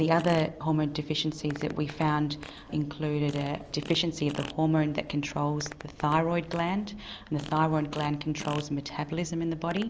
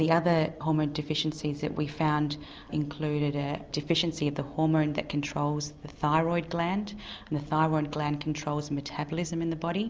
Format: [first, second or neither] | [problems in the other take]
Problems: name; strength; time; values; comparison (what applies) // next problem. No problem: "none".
second | background sound (Fart); 18 dB below the speech